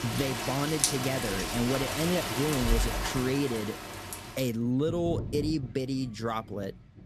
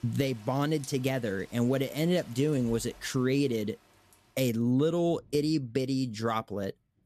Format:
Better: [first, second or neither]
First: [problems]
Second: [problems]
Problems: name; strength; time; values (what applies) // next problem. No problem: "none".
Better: second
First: rain or running water; loud; throughout; 1 dB below the speech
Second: rain or running water; faint; throughout; 25 dB below the speech